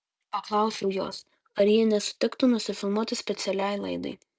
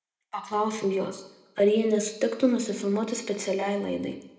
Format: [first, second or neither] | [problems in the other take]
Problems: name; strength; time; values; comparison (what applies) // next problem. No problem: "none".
first | room echo; dies away in 0.8 s